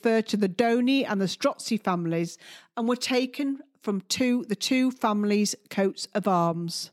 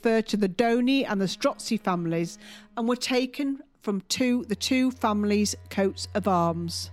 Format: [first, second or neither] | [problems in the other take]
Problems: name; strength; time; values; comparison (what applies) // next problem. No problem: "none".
first | alarms or sirens; faint; throughout; 20 dB below the speech